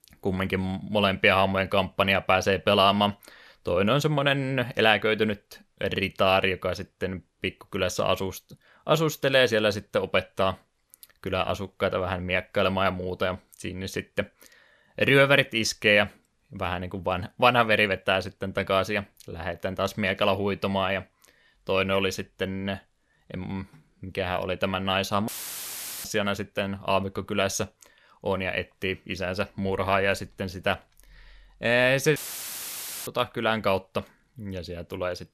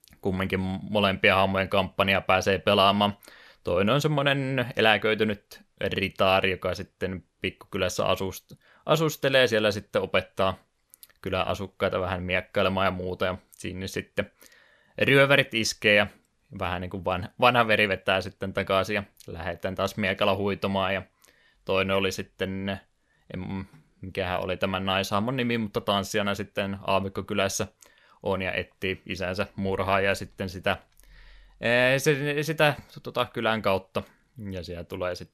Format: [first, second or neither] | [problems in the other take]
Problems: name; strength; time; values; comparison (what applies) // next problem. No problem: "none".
second | audio cutting out; filled with static; at 25 s for 1 s and at 32 s for 1 s